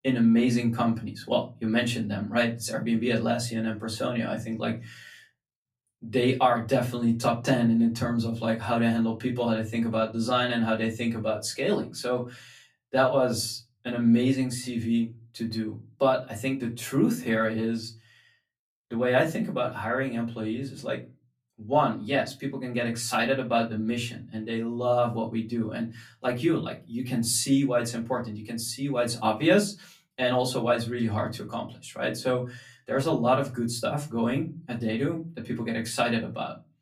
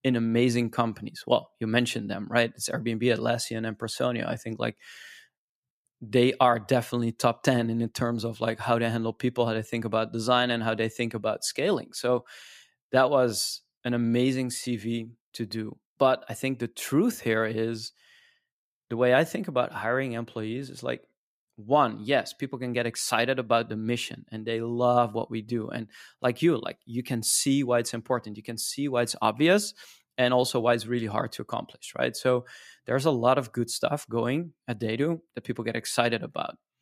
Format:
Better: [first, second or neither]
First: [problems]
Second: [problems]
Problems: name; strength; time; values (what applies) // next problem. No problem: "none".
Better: second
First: off-mic speech; far // room echo; very slight; dies away in 0.3 s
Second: none